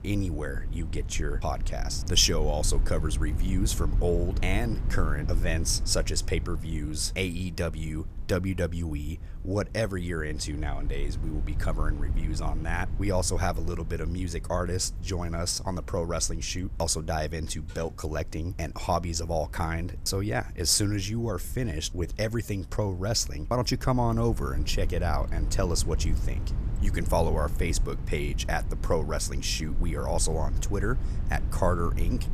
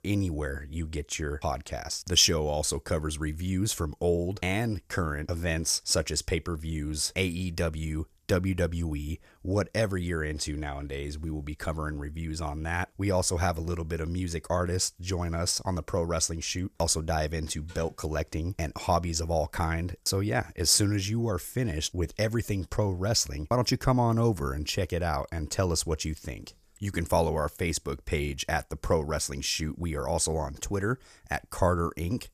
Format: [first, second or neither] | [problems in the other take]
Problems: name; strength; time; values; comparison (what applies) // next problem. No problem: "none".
second | low rumble; noticeable; throughout; 20 dB below the speech